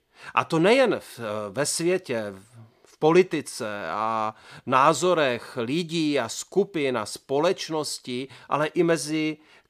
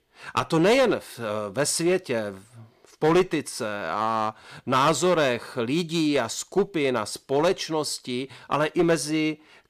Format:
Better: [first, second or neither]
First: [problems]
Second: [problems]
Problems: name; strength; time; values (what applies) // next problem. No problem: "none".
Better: first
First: none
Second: distortion; slight; 4% of the sound clipped